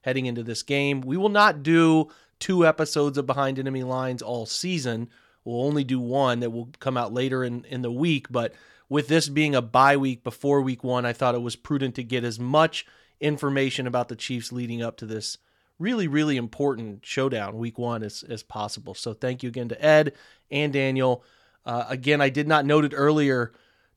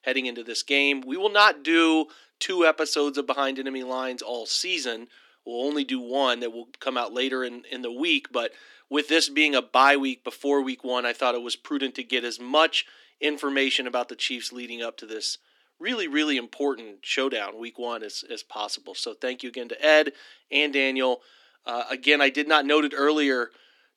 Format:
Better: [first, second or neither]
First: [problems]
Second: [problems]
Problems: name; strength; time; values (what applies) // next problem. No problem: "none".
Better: first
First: none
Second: thin; very slightly; fading below 250 Hz